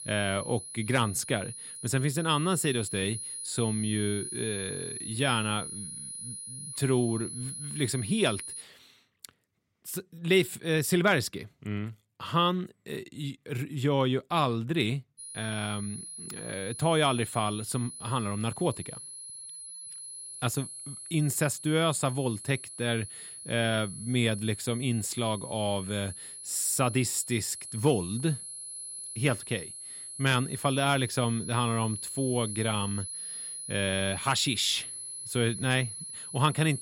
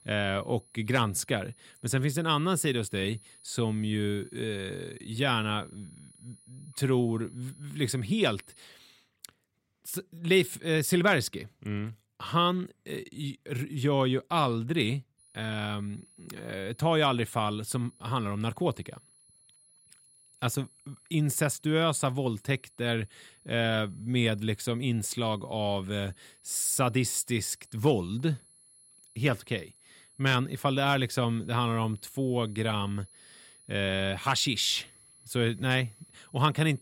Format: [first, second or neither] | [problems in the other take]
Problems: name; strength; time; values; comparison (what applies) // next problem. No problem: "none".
second | high-pitched whine; loud; until 8.5 s and from 15 s on; 10.5 kHz, 8 dB below the speech; faint in the second